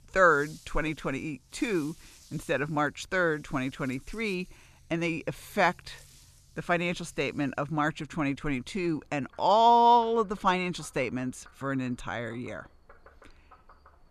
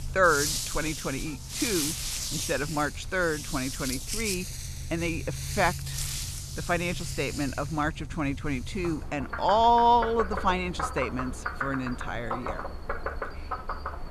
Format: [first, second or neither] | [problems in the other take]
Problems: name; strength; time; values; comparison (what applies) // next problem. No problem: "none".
first | animal sounds; loud; throughout; 5 dB below the speech; faint in the first